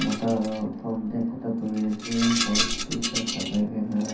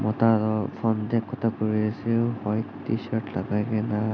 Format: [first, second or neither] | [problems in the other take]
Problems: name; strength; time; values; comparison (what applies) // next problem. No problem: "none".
second | background sound (Rattle); 5 dB below the speech // room echo; dies away in 0.6 s